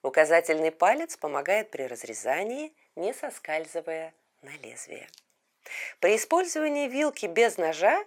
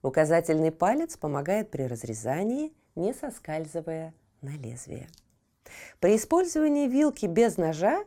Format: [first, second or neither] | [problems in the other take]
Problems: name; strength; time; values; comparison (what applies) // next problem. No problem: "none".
second | thin; somewhat; fading below 550 Hz